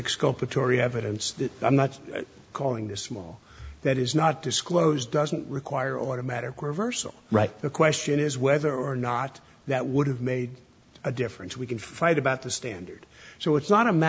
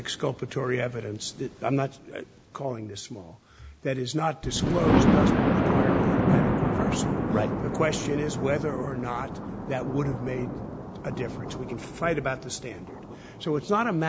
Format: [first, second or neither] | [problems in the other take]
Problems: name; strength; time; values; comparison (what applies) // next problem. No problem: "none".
first | background sound (Thunder); 2 dB above the speech